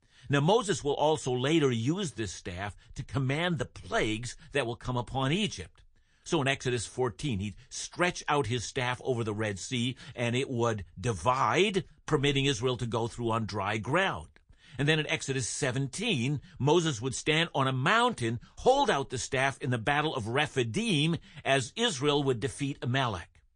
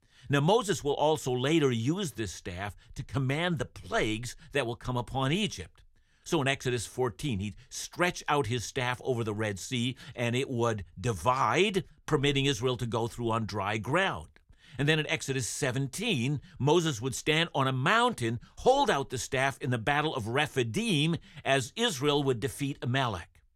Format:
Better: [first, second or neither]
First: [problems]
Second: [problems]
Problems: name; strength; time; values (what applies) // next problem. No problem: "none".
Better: second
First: garbled, watery; slightly; nothing above 9 kHz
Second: none